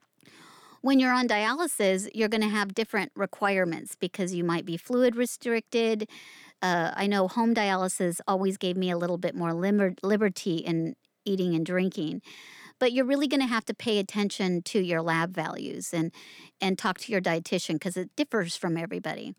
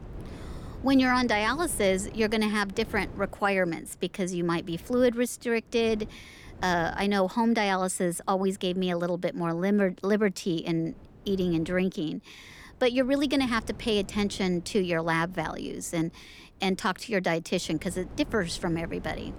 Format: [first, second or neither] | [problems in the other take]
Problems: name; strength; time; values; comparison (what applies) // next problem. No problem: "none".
first | wind noise on the microphone; occasional gusts; 25 dB below the speech